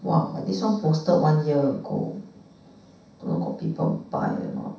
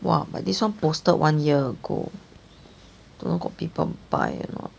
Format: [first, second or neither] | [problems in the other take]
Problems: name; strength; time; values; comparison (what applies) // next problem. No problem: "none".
second | room echo; dies away in 0.7 s